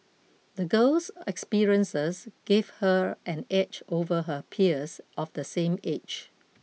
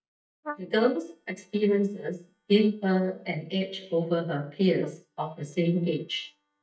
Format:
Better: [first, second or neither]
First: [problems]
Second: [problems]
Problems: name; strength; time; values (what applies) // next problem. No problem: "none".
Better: first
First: none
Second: noise reduction (neural mask model DeepFilterNet 3)